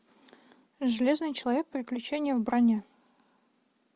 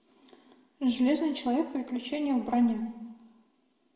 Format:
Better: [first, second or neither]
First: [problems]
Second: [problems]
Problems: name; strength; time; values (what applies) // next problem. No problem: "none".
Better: first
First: none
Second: room echo; dies away in 0.9 s